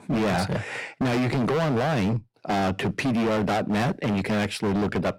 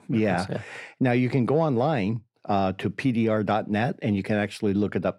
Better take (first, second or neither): second